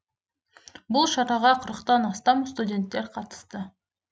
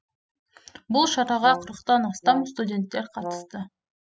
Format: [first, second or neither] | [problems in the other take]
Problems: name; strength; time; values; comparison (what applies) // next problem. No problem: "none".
first | noise reduction (classical method spectral subtraction)